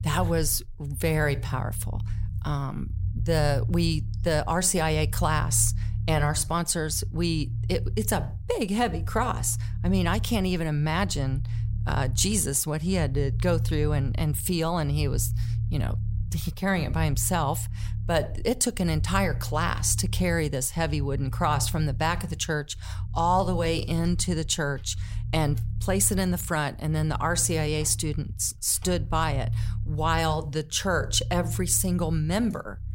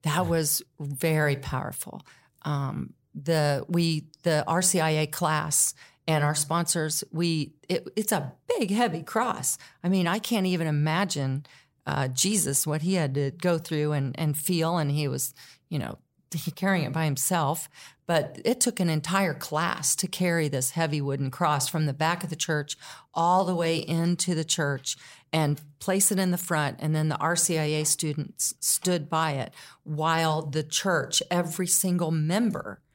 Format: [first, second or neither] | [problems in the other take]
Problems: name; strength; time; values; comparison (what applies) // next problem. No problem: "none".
second | low rumble; noticeable; throughout; 20 dB below the speech